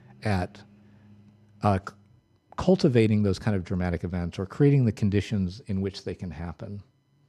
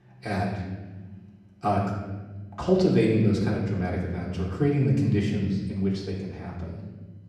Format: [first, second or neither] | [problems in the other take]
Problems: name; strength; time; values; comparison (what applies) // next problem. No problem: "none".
first | room echo; noticeable; dies away in 1.2 s // off-mic speech; far